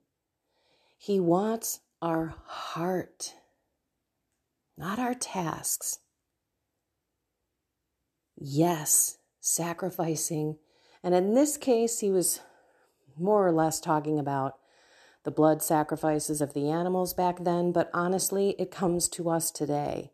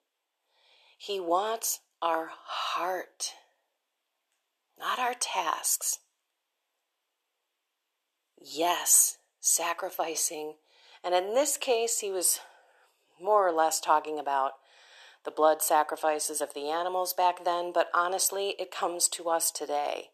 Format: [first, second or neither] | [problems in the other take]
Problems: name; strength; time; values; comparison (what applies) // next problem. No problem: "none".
first | thin; very; fading below 550 Hz